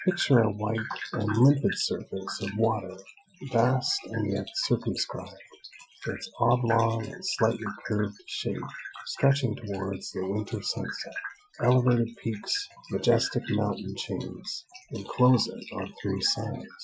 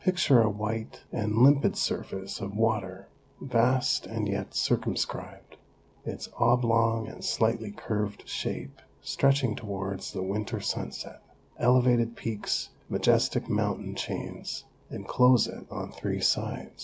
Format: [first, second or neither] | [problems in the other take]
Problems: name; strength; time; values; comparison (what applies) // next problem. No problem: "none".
second | noise reduction (classical method Wiener filter)